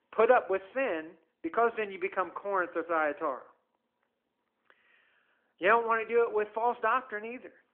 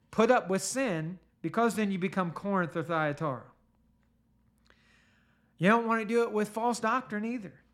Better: second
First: phone-call audio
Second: none

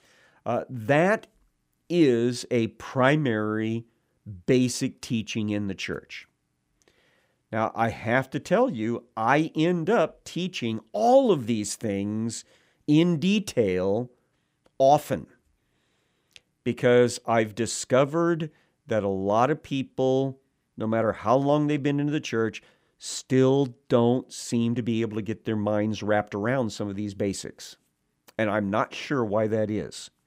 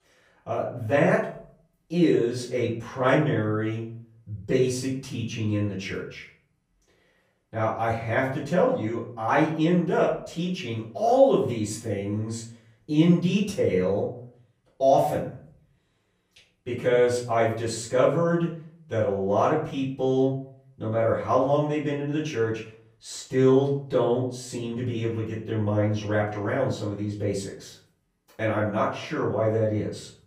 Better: first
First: none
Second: room echo; noticeable; dies away in 0.4 s // off-mic speech; far

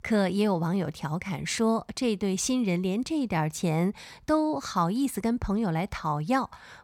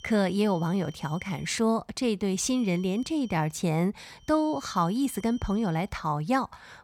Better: first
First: none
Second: high-pitched whine; faint; until 1.5 s, from 2.5 to 3.5 s and from 4.5 to 6 s; 3 kHz, 25 dB below the speech

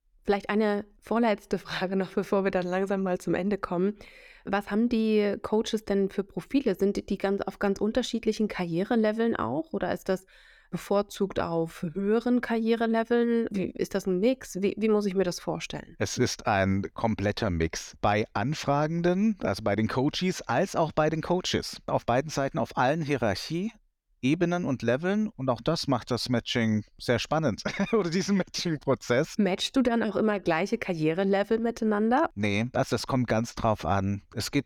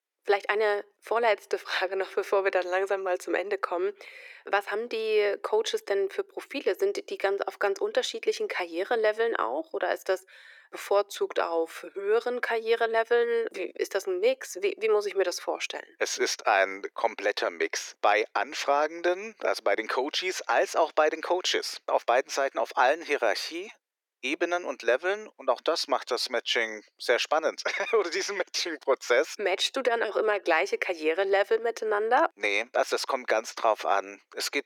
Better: first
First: none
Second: thin; very; fading below 350 Hz

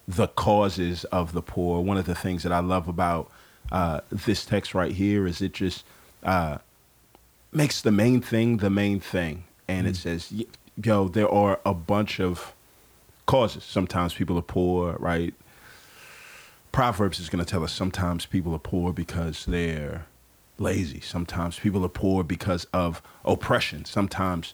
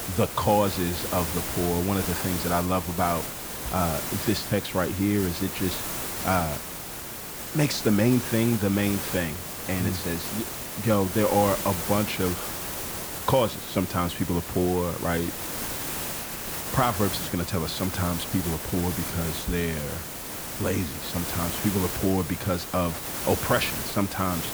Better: first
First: hiss; faint; throughout; 30 dB below the speech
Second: hiss; loud; throughout; 3 dB below the speech

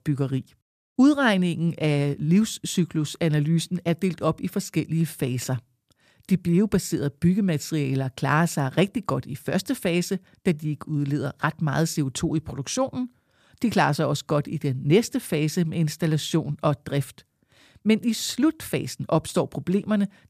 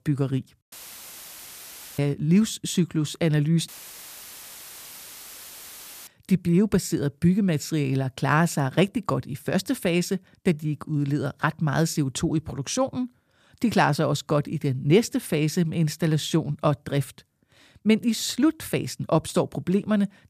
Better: first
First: none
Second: audio cutting out; filled with static; at 0.5 s for 1.5 s and at 3.5 s for 2.5 s

